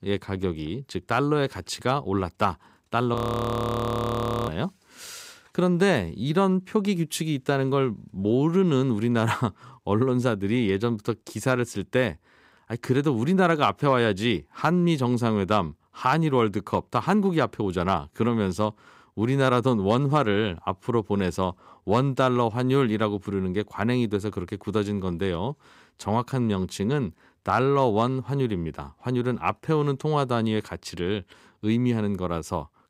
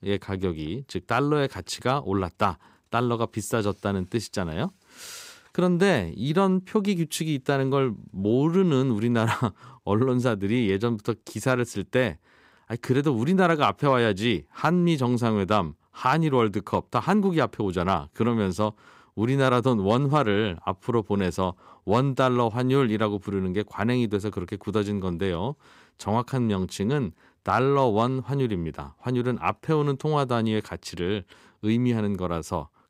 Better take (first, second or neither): second